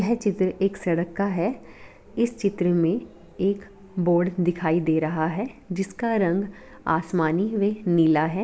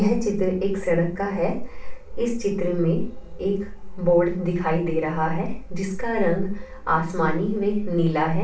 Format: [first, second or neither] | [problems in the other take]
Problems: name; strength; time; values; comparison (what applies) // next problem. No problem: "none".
first | room echo; dies away in 0.3 s